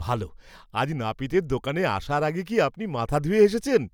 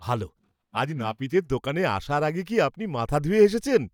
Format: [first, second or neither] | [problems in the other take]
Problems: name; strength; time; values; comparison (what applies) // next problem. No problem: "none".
first | noise reduction (neural mask model DeepFilterNet 3)